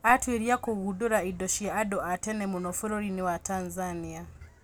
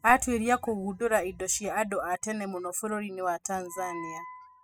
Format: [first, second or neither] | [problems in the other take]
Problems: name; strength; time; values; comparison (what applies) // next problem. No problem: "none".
first | noise reduction (classical method spectral subtraction)